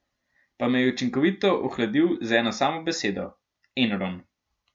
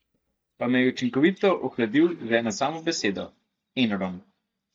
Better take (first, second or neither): first